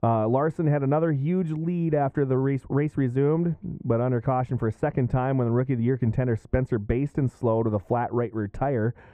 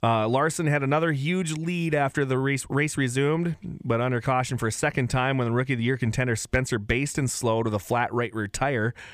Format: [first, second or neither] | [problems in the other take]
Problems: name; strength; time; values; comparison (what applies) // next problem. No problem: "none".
second | muffled; very; fading above 2 kHz